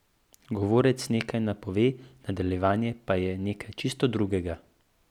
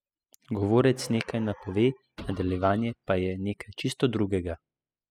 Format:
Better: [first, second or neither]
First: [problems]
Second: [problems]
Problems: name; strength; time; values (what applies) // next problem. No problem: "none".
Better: first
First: none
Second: noise reduction (classical method spectral subtraction)